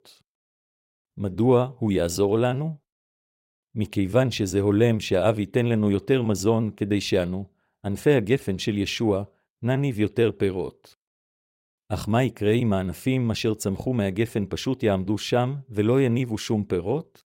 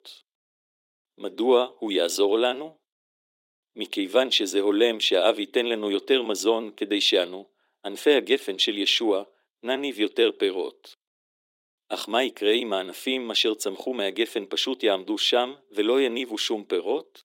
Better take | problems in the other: first | thin; somewhat; fading below 300 Hz

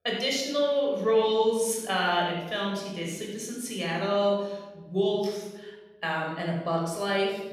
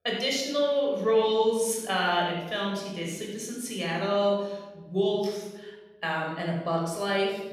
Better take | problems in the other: neither | room echo; noticeable; dies away in 1 s; the same in both // off-mic speech; somewhat distant; the same in both

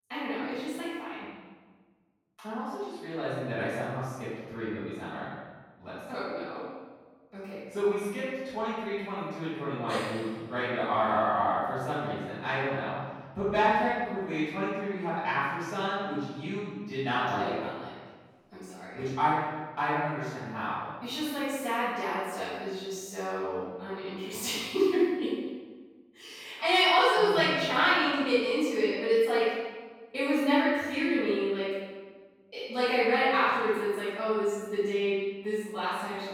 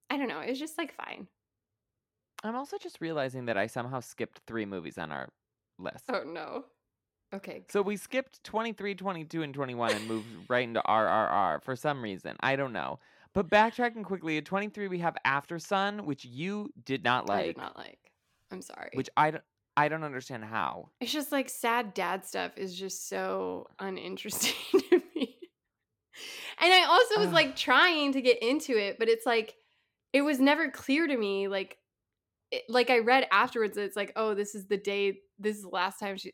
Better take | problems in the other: second | off-mic speech; far // room echo; strong; dies away in 1.3 s

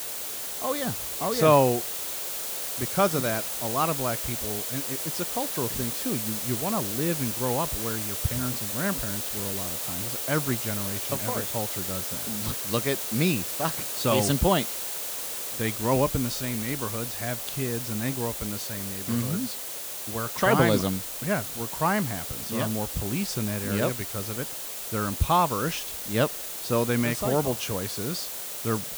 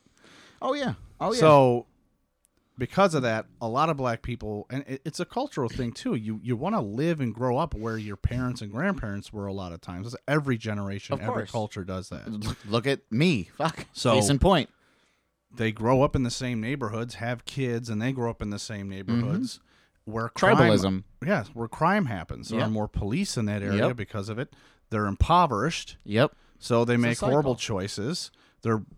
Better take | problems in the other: second | hiss; loud; throughout; 2 dB below the speech

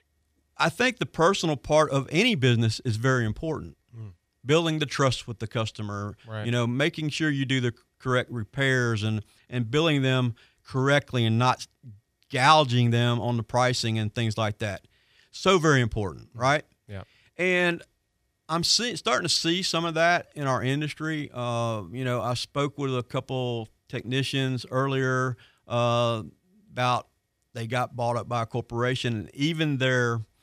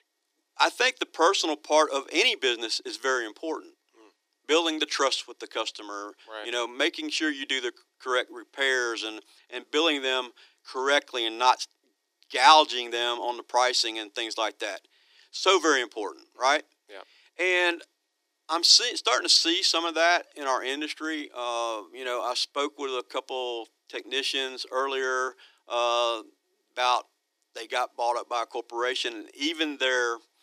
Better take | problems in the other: first | thin; very; fading below 300 Hz

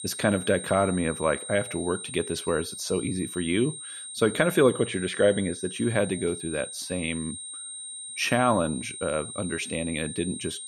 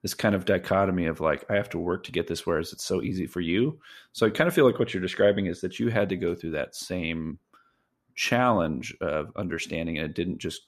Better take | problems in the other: second | high-pitched whine; loud; throughout; 8.5 kHz, 9 dB below the speech

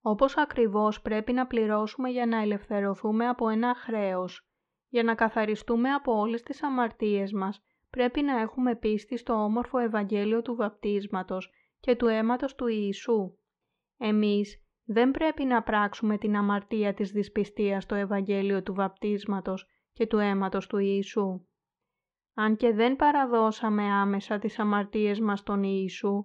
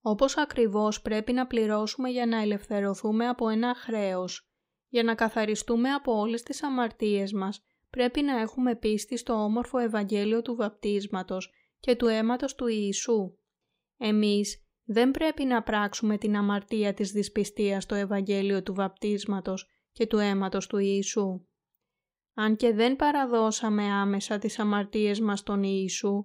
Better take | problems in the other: second | muffled; very; fading above 2.5 kHz

